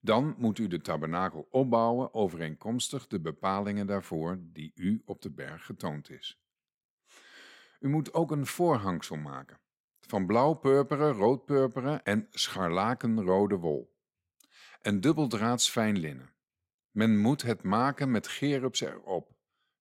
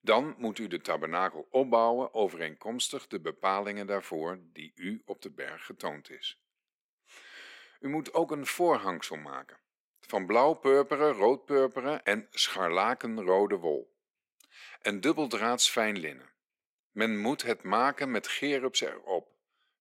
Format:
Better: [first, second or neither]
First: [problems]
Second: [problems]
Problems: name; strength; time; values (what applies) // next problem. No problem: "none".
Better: first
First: none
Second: thin; somewhat; fading below 400 Hz